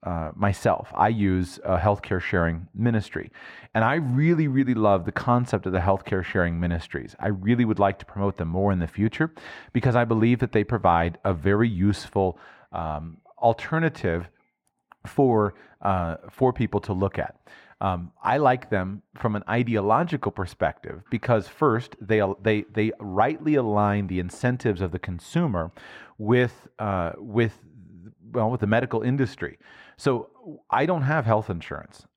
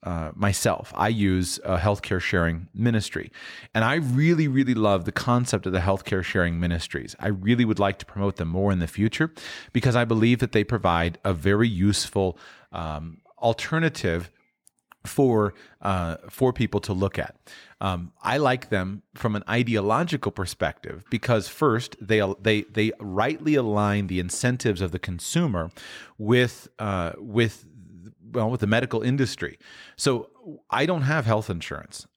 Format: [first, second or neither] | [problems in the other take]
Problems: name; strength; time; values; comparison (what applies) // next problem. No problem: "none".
second | muffled; slightly; fading above 3 kHz